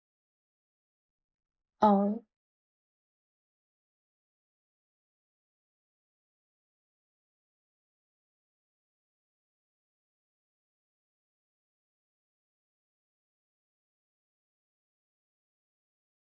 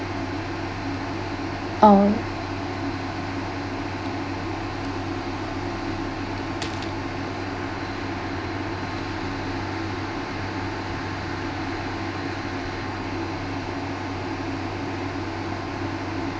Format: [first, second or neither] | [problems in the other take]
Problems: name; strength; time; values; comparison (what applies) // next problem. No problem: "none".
second | noise reduction (neural mask model Resemble Enhance denoiser)